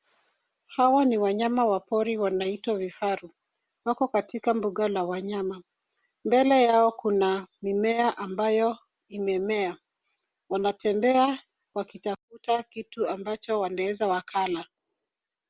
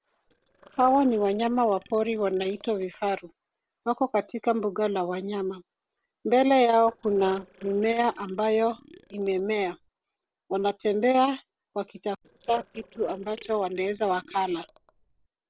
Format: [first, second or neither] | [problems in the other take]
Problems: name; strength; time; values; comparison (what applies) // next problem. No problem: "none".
first | noise reduction (neural separator model SepFormer DNS4)